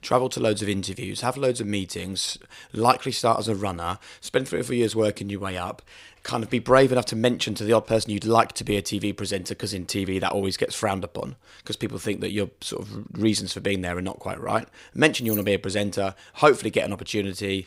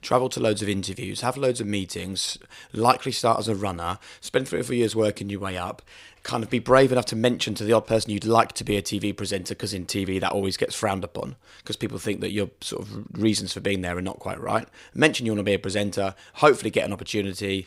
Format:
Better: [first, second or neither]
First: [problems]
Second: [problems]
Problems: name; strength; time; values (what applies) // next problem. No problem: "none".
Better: second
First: jangling keys; noticeable; at 15 s; peak 6 dB below the speech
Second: none